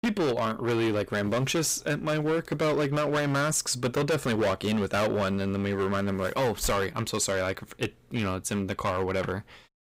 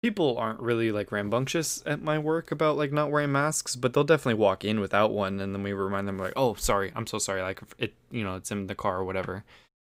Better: second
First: distortion; heavy; 17% of the sound clipped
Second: none

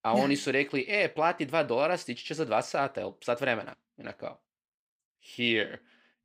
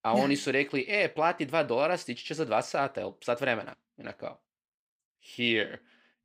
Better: neither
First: none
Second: none

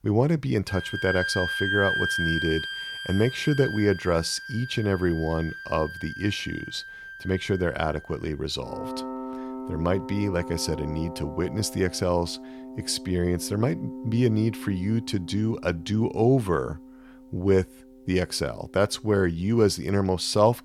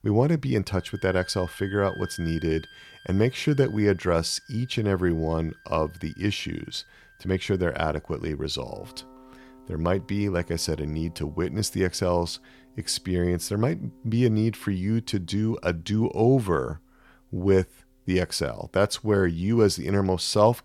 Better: second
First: background music; loud; throughout; 7 dB below the speech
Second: background music; faint; throughout; 25 dB below the speech

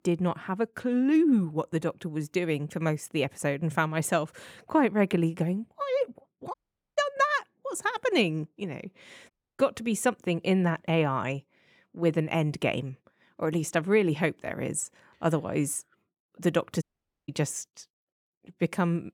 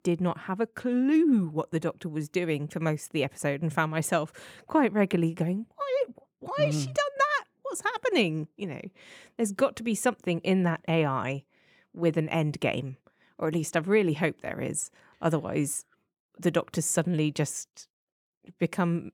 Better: second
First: audio cutting out; at 6.5 s, at 9.5 s and at 17 s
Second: none

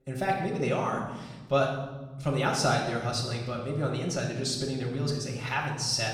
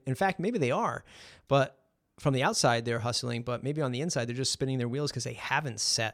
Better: second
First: off-mic speech; far // room echo; noticeable; dies away in 1.1 s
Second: none

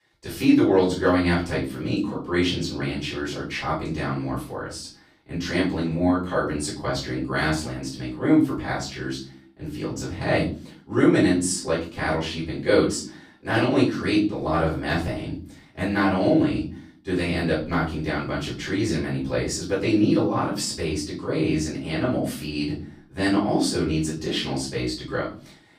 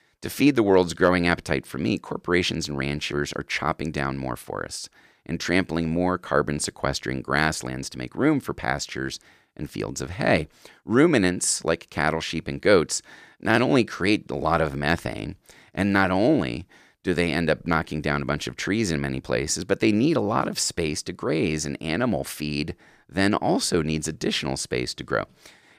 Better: second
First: off-mic speech; far // room echo; slight; dies away in 0.4 s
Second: none

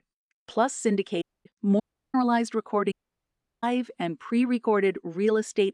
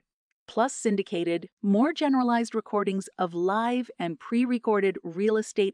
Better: second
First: audio cutting out; at 1 s, at 2 s and at 3 s for 0.5 s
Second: none

